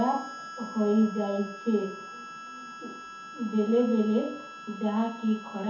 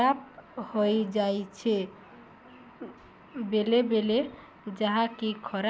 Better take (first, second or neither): second